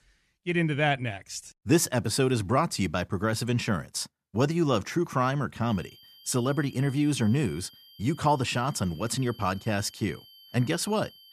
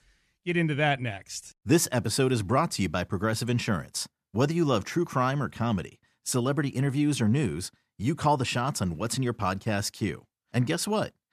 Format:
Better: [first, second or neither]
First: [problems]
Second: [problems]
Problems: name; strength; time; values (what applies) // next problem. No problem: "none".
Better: second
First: high-pitched whine; faint; from 5.5 s on; 3 kHz, 25 dB below the speech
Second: none